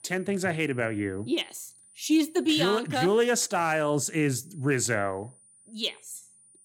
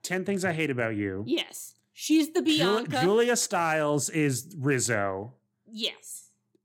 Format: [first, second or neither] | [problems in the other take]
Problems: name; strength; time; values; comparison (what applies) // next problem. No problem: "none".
second | high-pitched whine; faint; throughout; 9.5 kHz, 25 dB below the speech